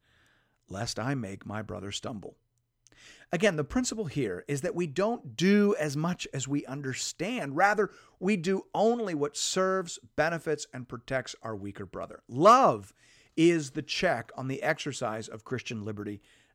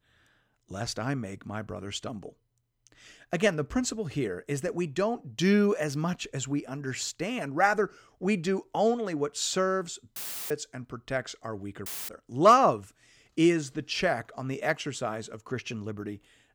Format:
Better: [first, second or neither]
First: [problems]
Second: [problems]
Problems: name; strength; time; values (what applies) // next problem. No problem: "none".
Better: first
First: none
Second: audio cutting out; filled with static; at 10 s and at 12 s